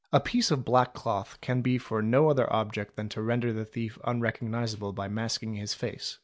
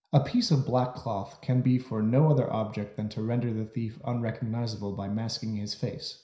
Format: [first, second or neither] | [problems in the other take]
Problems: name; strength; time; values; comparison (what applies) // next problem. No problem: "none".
first | room echo; dies away in 0.5 s